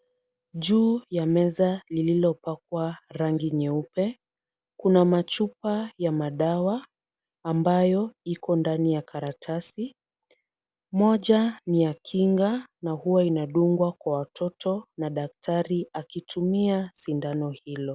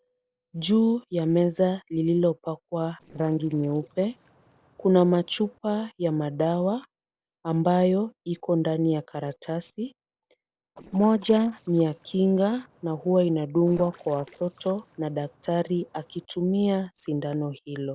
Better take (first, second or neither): first